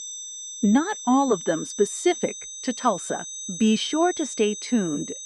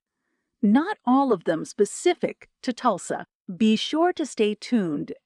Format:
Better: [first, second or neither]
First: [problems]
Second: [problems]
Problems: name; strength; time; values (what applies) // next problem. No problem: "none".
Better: second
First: high-pitched whine; loud; throughout; 6 kHz, 9 dB below the speech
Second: none